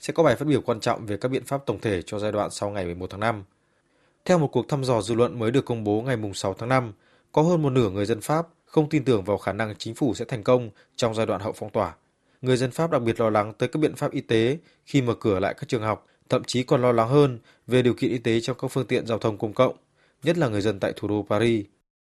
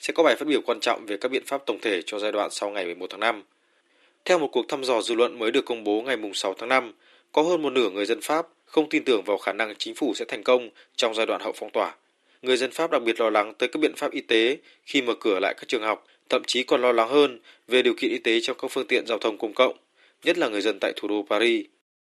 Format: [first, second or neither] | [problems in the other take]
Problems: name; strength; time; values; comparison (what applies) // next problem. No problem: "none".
first | thin; somewhat; fading below 300 Hz